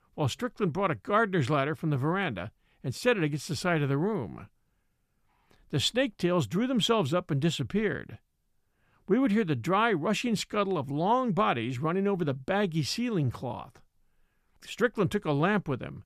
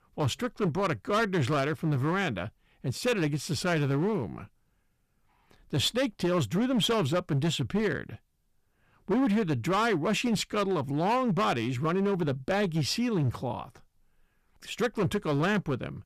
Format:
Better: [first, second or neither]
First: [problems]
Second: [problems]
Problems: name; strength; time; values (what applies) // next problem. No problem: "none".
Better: first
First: none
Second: distortion; slight; 10% of the sound clipped